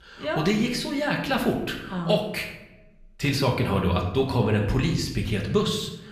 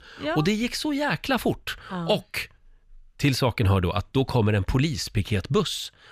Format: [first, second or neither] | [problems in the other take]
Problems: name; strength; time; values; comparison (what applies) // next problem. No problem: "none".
second | room echo; slight; dies away in 0.7 s // off-mic speech; somewhat distant